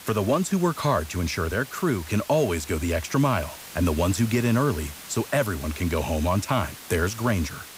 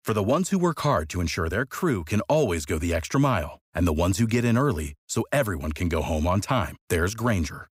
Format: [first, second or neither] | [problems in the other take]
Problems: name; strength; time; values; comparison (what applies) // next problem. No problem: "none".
second | hiss; noticeable; throughout; 15 dB below the speech